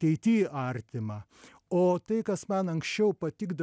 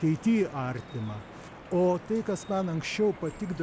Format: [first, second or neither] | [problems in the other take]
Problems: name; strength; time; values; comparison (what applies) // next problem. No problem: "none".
first | background sound (Drip); 16 dB below the speech